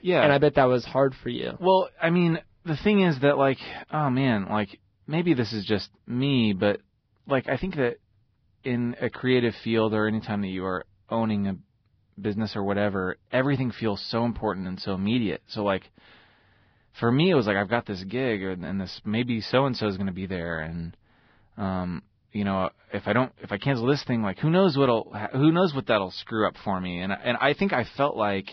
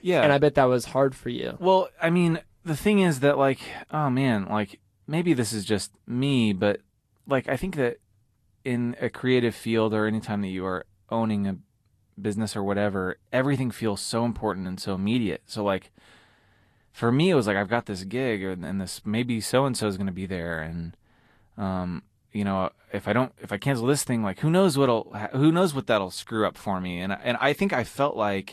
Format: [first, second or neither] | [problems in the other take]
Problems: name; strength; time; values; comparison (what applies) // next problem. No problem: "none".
second | garbled, watery; badly; nothing above 5.5 kHz; slightly in the second